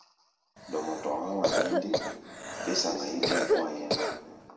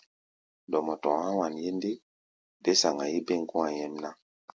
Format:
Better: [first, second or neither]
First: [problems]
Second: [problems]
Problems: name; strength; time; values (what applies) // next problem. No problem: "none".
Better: second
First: background sound (Cough); 3 dB above the speech // room echo; dies away in 2.1 s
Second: none